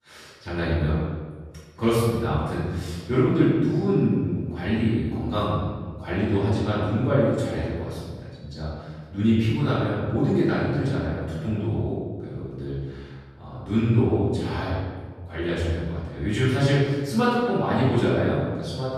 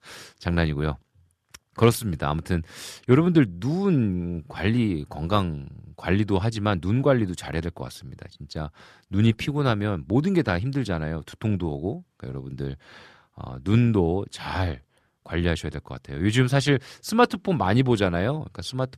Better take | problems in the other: second | off-mic speech; far // room echo; strong; dies away in 1.4 s

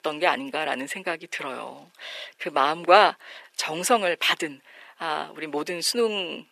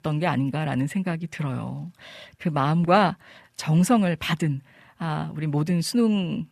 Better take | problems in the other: second | thin; very; fading below 400 Hz

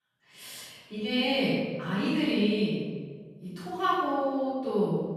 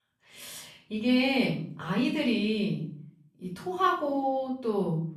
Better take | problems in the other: second | room echo; strong; dies away in 1.4 s; slight in the second // off-mic speech; far; far in the second

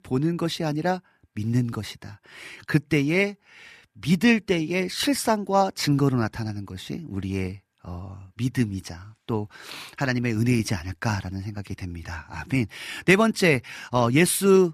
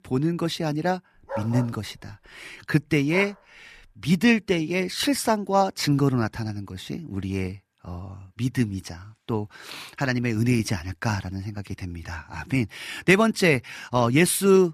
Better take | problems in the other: first | dog barking; noticeable; from 1.5 to 3.5 s; peak 9 dB below the speech

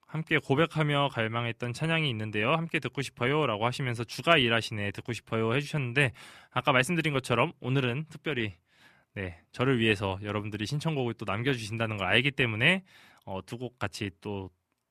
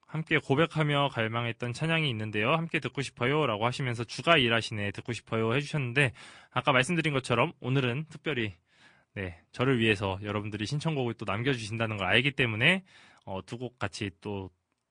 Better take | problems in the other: first | garbled, watery; slightly

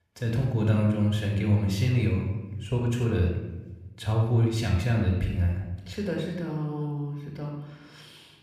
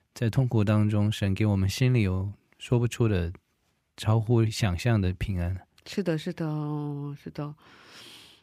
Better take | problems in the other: second | off-mic speech; somewhat distant // room echo; noticeable; dies away in 0.9 s

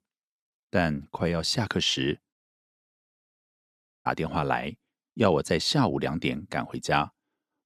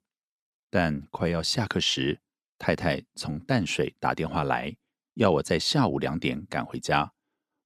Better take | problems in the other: second | audio cutting out; at 2.5 s for 1.5 s

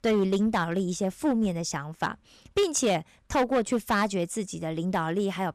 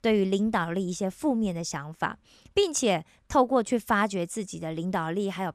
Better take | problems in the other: second | distortion; slight; 5% of the sound clipped

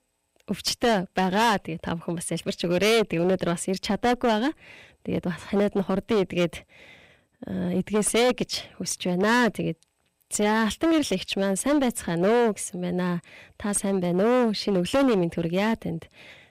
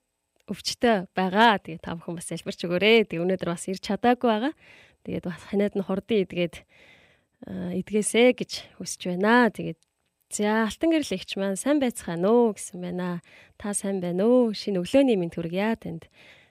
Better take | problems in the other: second | distortion; heavy; 12% of the sound clipped

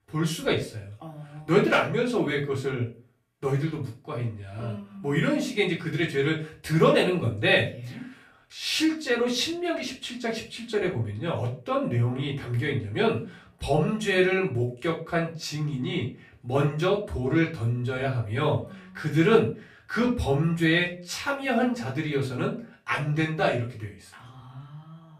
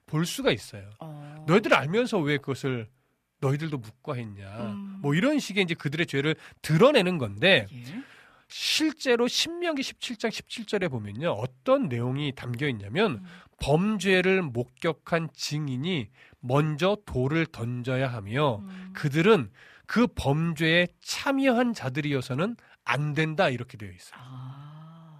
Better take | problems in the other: second | off-mic speech; far // room echo; slight; dies away in 0.3 s

